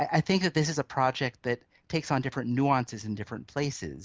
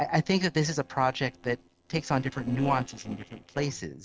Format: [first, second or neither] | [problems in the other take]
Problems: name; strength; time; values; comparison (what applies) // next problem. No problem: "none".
first | noise reduction (neural separator model SepFormer DNS4)